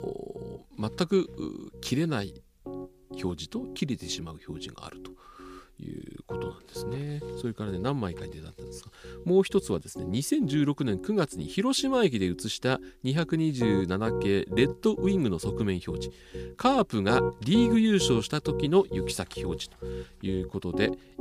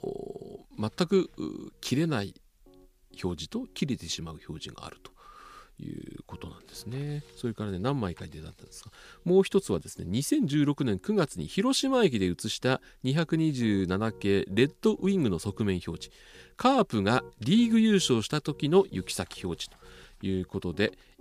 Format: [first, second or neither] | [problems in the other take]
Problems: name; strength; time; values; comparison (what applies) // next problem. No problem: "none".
second | background music; loud; throughout; 9 dB below the speech; faint in the second